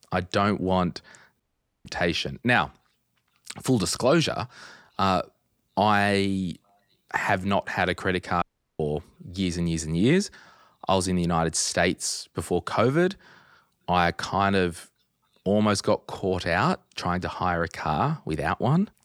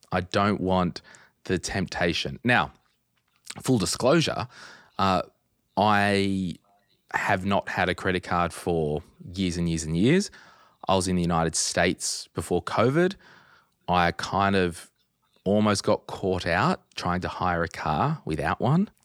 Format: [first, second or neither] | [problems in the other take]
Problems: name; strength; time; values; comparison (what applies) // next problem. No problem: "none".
second | audio cutting out; at 1.5 s and at 8.5 s